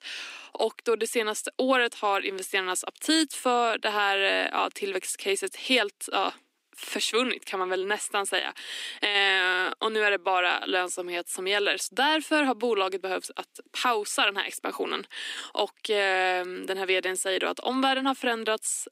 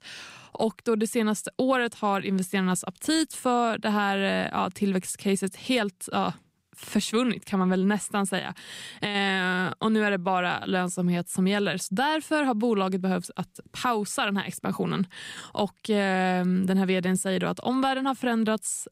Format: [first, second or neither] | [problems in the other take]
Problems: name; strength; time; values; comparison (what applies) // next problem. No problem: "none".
second | thin; somewhat; fading below 250 Hz